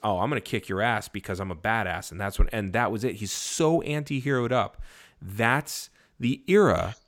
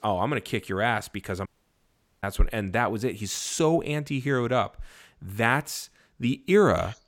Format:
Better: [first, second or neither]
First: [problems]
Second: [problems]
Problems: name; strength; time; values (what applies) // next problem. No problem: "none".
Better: first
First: none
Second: audio cutting out; at 1.5 s for 1 s